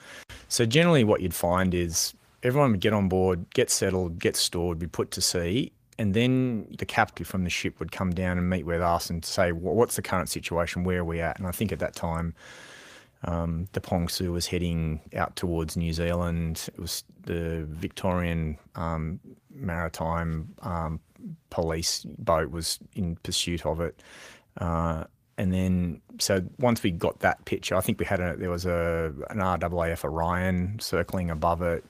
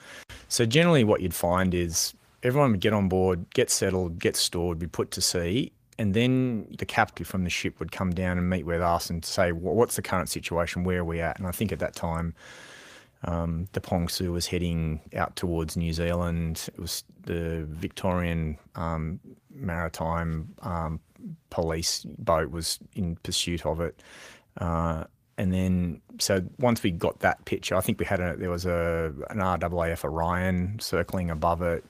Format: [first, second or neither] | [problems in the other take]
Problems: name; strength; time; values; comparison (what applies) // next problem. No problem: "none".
neither | garbled, watery; slightly; nothing above 15 kHz; the same in both